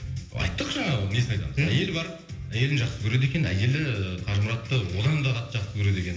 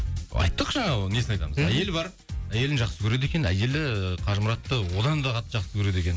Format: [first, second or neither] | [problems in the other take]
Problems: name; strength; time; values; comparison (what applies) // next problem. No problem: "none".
second | room echo; dies away in 0.8 s